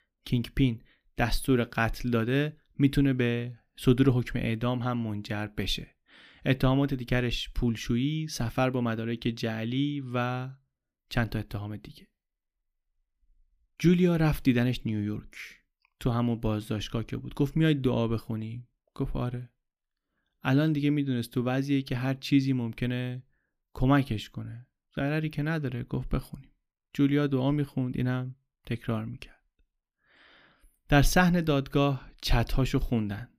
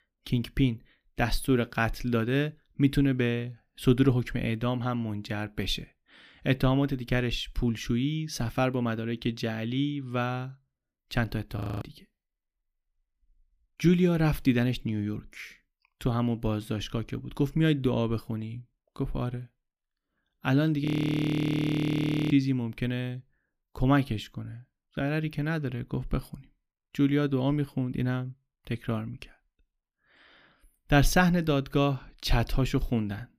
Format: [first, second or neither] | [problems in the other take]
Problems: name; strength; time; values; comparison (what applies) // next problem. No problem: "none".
first | audio freezing; at 12 s and at 21 s for 1.5 s